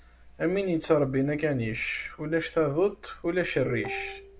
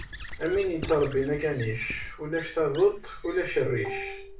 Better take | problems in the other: first | background sound (Squeak / Writing); 15 dB below the speech // room echo; dies away in 0.3 s

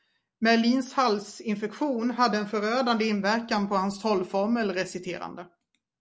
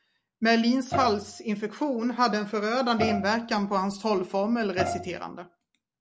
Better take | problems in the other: first | background sound (Bowed string instrument); 7 dB below the speech

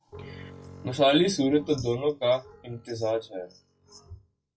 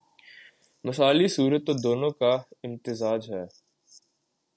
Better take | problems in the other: second | noise reduction (classical method WPE with log-MMSE)

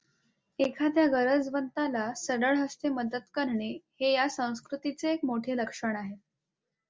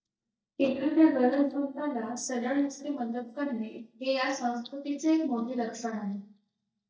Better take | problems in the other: first | noise reduction (neural mask model DeepFilterNet 3)

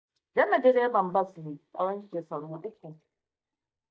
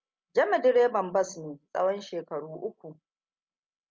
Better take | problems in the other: second | noise reduction (neural mask model DeepFilterNet 3)

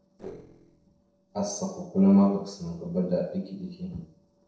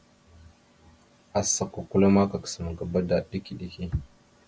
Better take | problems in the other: second | noise reduction (neural separator model SepFormer DNS4)

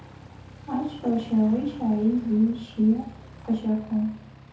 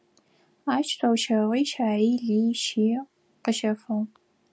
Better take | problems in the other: second | background sound (Aircraft); 19 dB below the speech // room echo; dies away in 0.5 s

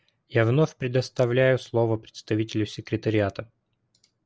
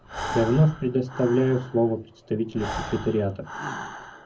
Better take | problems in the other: first | background sound (Breathing); 11 dB below the speech // room echo; dies away in 0.3 s

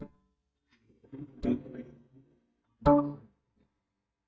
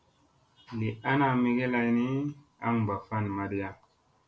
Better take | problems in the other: second | noise reduction (neural mask model DeepFilterNet 3)

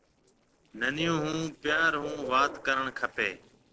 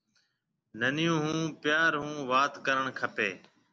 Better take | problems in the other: second | noise reduction (neural separator model SepFormer DNS4)

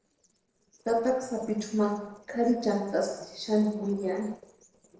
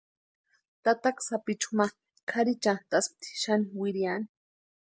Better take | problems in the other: second | noise reduction (neural separator model SepFormer DNS4)

